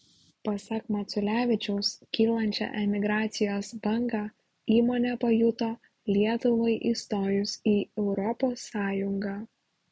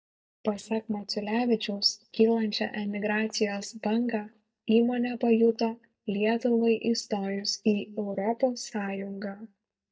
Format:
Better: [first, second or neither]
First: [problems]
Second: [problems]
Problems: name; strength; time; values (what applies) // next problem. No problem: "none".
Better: first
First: none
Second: noise reduction (neural mask model DeepFilterNet 3)